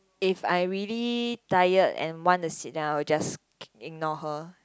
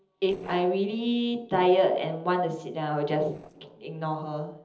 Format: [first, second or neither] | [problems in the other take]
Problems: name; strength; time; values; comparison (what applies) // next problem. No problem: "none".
first | noise reduction (neural separator model SepFormer DNS4)